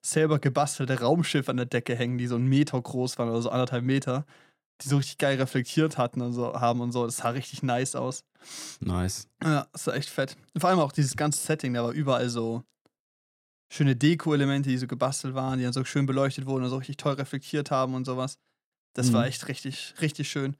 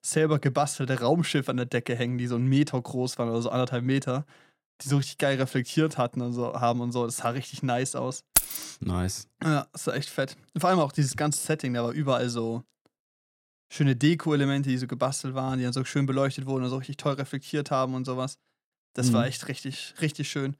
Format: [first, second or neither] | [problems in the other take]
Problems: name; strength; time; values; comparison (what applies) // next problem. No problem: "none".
first | jangling keys; loud; at 8.5 s; peak 4 dB above the speech